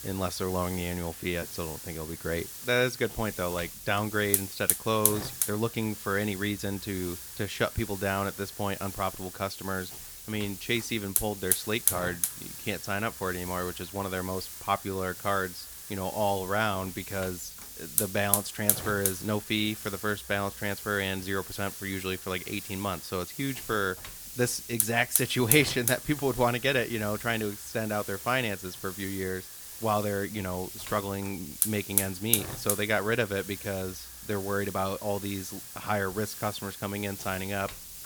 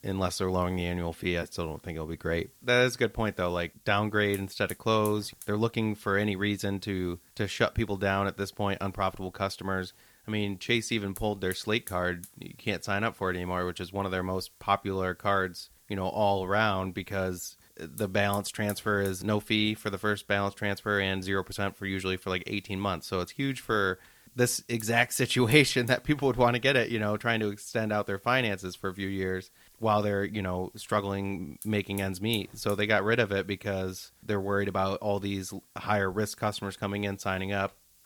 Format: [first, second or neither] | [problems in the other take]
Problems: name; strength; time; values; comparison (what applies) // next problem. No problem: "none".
second | hiss; loud; throughout; 3 dB below the speech; faint in the second